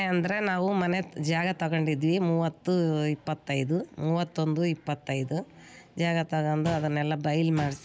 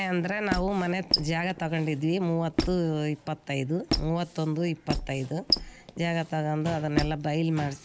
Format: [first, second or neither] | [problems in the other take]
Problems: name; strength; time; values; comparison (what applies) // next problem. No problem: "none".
first | background sound (Squeak); 6 dB below the speech